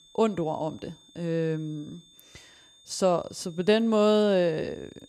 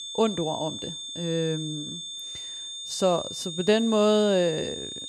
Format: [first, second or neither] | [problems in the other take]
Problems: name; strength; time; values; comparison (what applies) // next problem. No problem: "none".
first | high-pitched whine; loud; throughout; 3.5 kHz, 8 dB below the speech; faint in the first